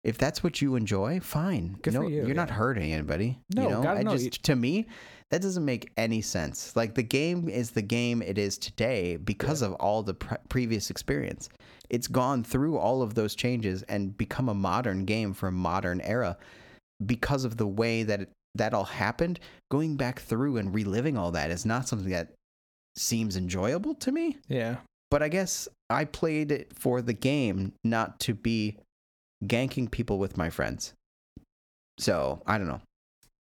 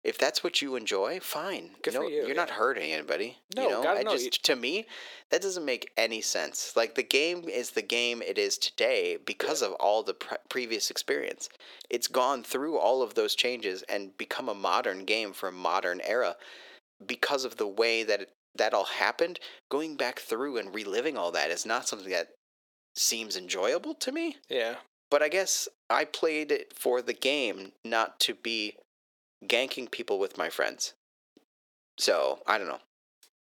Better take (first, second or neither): first